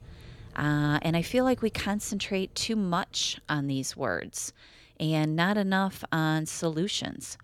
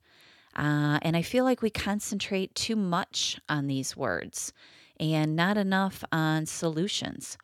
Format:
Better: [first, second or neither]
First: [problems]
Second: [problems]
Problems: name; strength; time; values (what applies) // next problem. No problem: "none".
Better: second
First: traffic noise; faint; throughout; 25 dB below the speech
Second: none